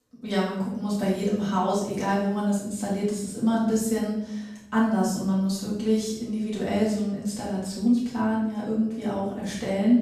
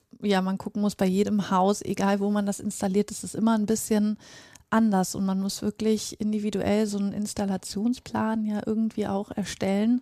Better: second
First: off-mic speech; far // room echo; noticeable; dies away in 0.7 s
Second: none

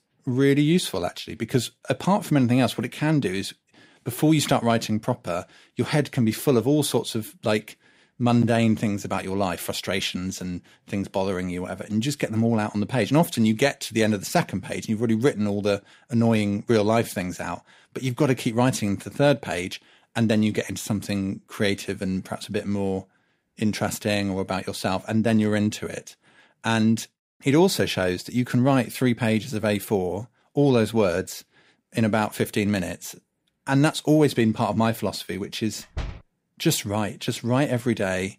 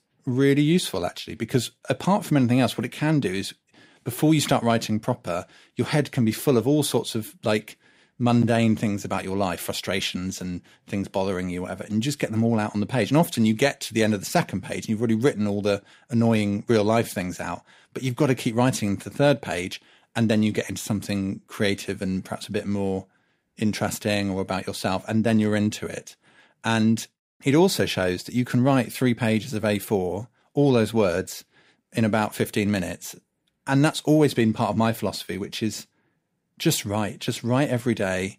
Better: second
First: door banging; faint; at 36 s; peak 10 dB below the speech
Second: none

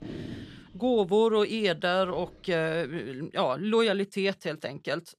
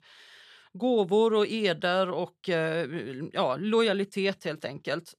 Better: second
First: household noises; noticeable; until 3 s; 20 dB below the speech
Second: none

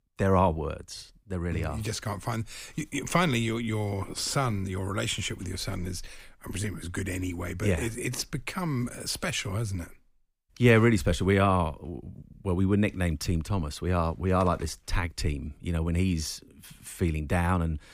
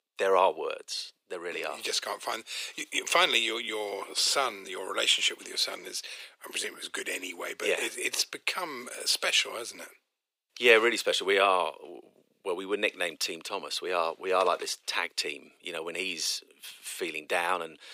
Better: first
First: none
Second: thin; very; fading below 400 Hz

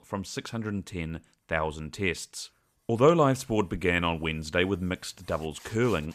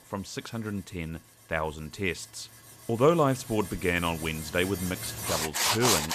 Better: first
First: machinery noise; faint; throughout; 25 dB below the speech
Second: machinery noise; loud; throughout; 1 dB below the speech

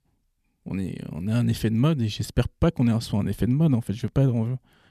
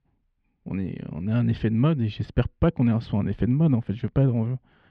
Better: first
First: none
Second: muffled; very; fading above 3 kHz

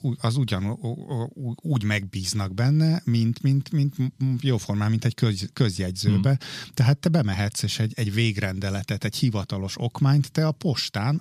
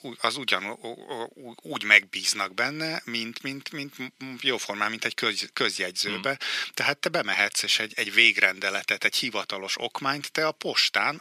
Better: first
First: none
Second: thin; very; fading below 400 Hz

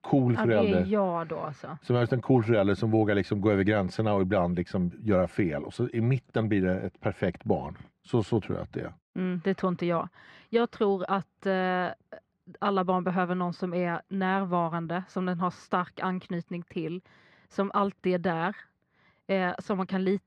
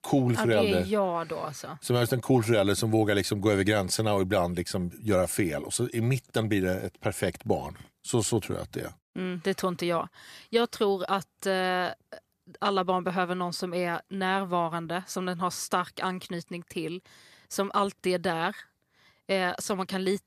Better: second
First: muffled; slightly; fading above 2.5 kHz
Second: none

